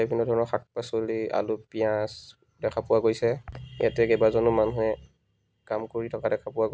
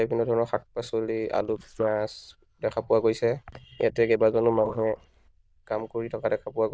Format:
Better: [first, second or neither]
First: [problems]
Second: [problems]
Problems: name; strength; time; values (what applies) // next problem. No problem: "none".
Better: first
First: none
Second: noise reduction (neural diffusion model UNIVERSE++)